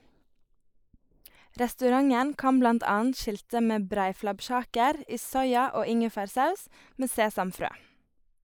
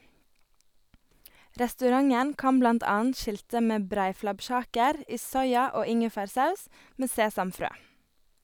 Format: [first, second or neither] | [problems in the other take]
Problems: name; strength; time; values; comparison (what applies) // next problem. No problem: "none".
second | noise reduction (neural mask model Resemble Enhance denoiser)